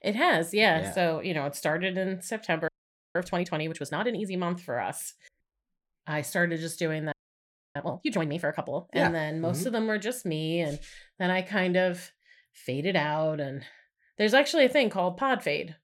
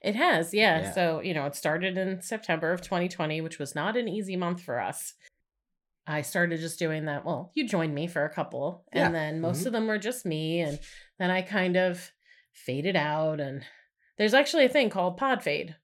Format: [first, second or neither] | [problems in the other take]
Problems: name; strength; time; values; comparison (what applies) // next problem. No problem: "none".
second | audio freezing; at 2.5 s and at 7 s for 0.5 s